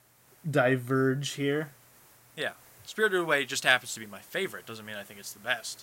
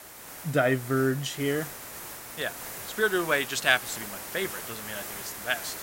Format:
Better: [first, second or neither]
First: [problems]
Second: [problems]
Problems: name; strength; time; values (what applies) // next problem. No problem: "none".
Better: first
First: hiss; faint; throughout; 25 dB below the speech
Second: hiss; loud; throughout; 10 dB below the speech